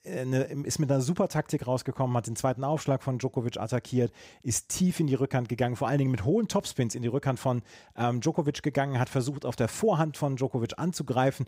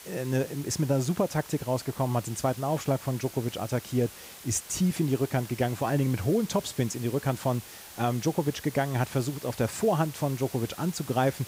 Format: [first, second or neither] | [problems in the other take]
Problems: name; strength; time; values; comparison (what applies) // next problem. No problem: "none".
first | hiss; noticeable; throughout; 15 dB below the speech